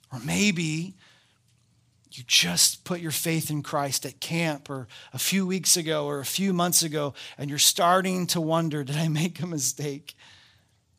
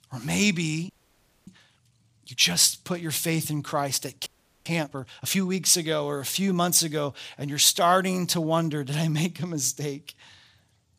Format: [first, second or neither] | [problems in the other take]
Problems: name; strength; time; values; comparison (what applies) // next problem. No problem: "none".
first | audio freezing; at 1 s for 0.5 s and at 4.5 s